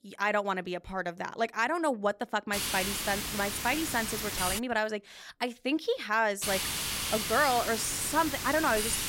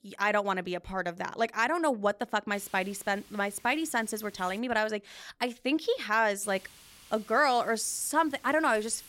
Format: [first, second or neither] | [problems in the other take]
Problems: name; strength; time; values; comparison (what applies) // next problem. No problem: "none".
second | hiss; loud; from 2.5 to 4.5 s and from 6.5 s on; 2 dB below the speech; faint in the second